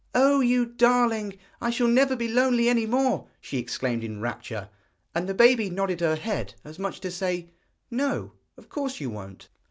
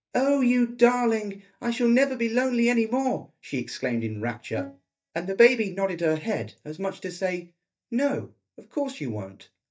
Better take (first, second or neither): first